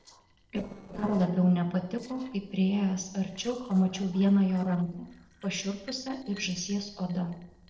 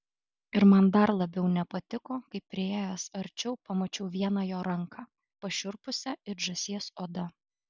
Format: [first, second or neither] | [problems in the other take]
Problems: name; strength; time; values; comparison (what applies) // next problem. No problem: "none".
second | noise reduction (neural separator model SepFormer DNS4)